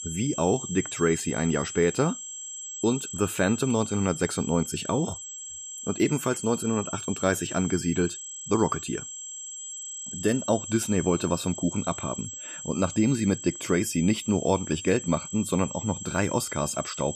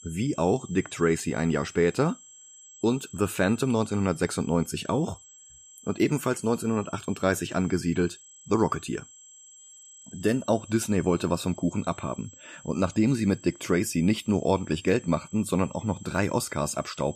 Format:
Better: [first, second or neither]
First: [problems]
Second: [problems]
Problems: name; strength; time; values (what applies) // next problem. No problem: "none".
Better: second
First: high-pitched whine; loud; throughout; 7.5 kHz, 8 dB below the speech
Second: high-pitched whine; faint; throughout; 7.5 kHz, 20 dB below the speech